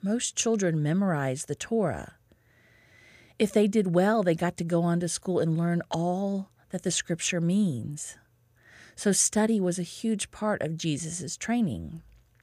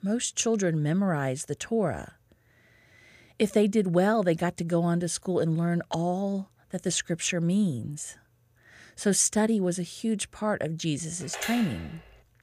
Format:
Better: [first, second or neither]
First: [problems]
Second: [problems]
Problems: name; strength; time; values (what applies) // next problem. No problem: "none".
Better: first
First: none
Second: phone ringing; noticeable; at 11 s; peak 7 dB below the speech